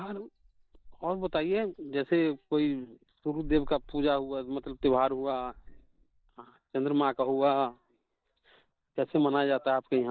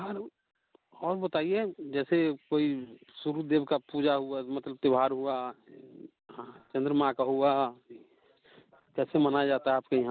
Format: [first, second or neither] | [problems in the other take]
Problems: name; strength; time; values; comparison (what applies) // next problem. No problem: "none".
second | noise reduction (neural mask model DeepFilterNet 3)